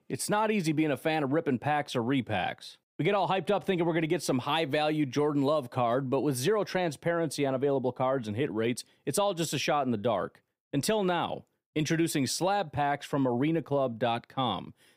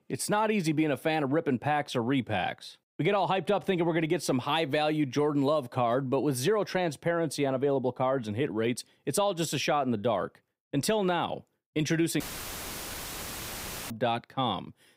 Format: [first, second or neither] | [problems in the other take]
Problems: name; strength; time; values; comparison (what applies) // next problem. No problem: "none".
first | audio cutting out; filled with static; at 12 s for 1.5 s